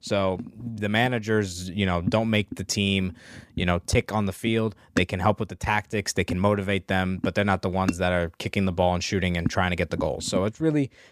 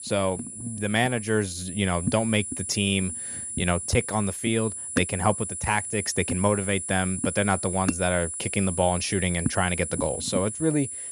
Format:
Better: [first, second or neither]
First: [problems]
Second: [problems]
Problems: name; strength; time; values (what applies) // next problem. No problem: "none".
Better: first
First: none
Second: high-pitched whine; loud; throughout; 10 kHz, 6 dB below the speech